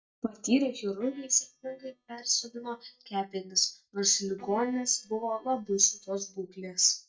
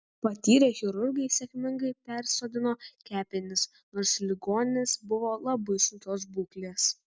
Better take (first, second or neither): second